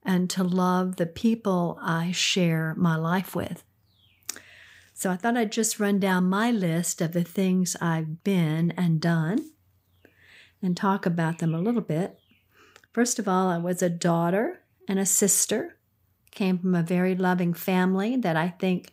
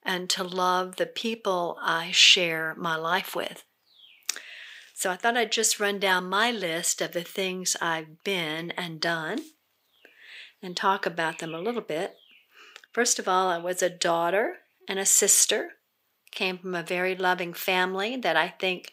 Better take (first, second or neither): first